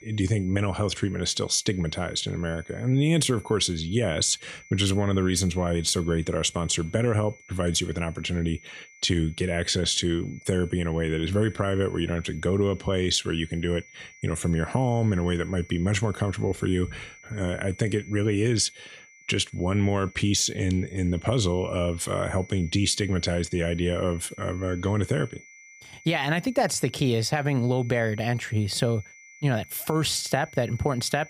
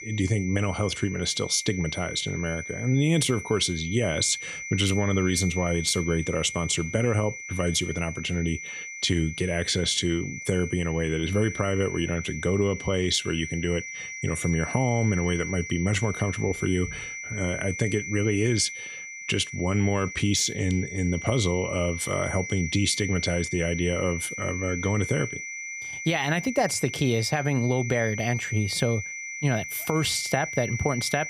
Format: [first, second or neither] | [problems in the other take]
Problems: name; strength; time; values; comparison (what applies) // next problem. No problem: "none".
first | high-pitched whine; loud; throughout; 2 kHz, 8 dB below the speech; faint in the first